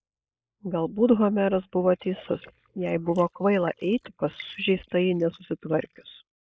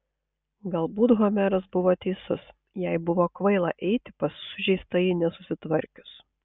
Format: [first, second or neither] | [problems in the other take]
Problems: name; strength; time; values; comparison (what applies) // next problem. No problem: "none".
second | noise reduction (neural mask model Resemble Enhance denoiser)